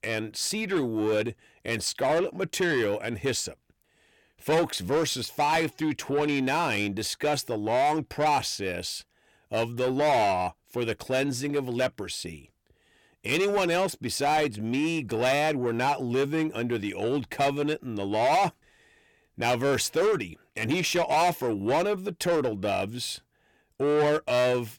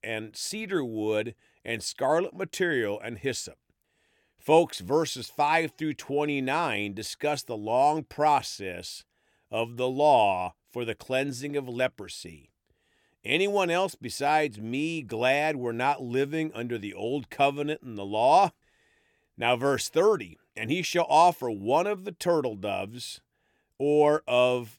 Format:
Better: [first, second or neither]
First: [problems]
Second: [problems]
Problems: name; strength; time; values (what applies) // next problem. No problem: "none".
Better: second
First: distortion; heavy; 8 dB below the speech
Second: none